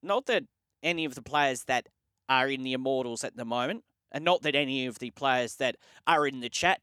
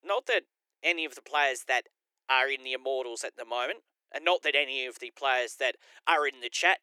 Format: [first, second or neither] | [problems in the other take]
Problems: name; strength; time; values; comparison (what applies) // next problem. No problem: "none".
first | thin; very; fading below 350 Hz